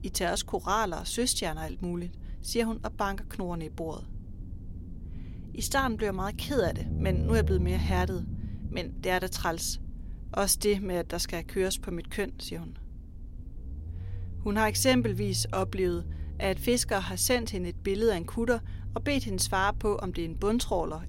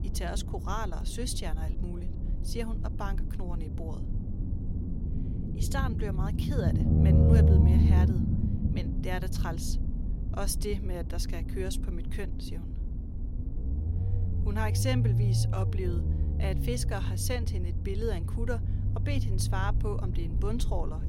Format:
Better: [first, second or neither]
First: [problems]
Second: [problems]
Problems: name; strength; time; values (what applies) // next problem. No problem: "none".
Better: first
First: low rumble; faint; throughout; 20 dB below the speech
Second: low rumble; loud; throughout; 3 dB below the speech